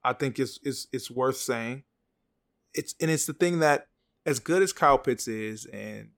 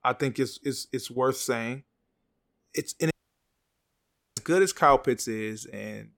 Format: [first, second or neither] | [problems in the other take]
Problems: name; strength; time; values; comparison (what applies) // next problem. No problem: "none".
first | audio cutting out; at 3 s for 1.5 s